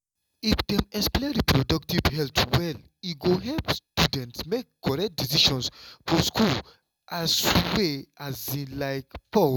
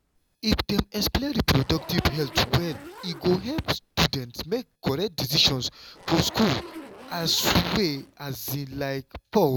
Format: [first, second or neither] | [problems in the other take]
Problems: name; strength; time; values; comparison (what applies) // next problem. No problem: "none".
first | background sound (Zipper (clothing)); 20 dB below the speech